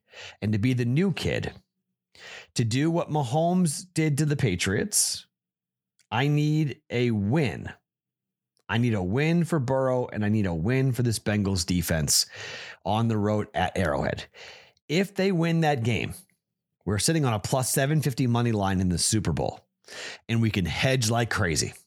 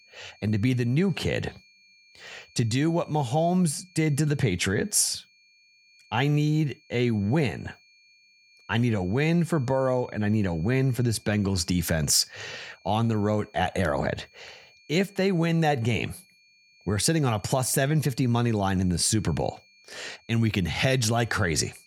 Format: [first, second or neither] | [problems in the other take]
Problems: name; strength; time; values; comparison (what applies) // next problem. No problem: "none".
first | high-pitched whine; faint; throughout; 2.5 kHz, 30 dB below the speech